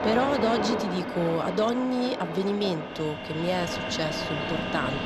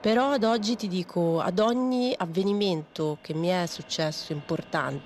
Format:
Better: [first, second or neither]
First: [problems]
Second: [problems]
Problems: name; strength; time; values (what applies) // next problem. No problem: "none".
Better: second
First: train or aircraft noise; loud; throughout; 3 dB below the speech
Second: train or aircraft noise; faint; throughout; 20 dB below the speech